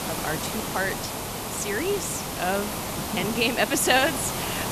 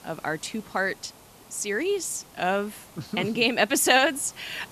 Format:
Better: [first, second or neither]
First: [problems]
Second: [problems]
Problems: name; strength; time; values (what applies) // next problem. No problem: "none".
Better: second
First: hiss; loud; throughout; 4 dB below the speech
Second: hiss; faint; throughout; 25 dB below the speech